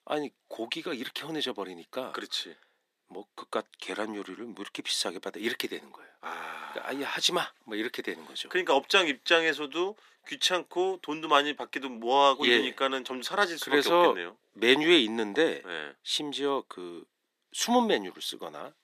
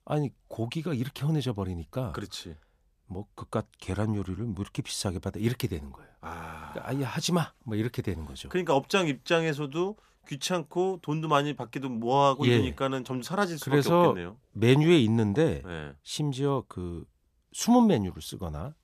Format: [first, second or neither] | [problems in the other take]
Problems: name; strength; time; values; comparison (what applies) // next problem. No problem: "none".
second | thin; somewhat; fading below 300 Hz